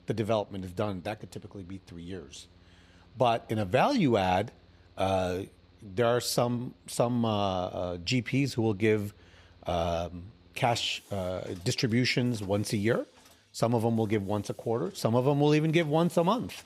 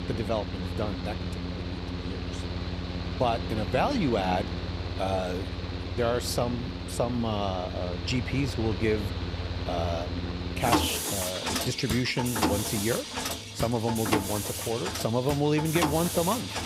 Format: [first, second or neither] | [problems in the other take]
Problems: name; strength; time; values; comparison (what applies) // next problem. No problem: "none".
first | machinery noise; loud; throughout; 2 dB below the speech; faint in the first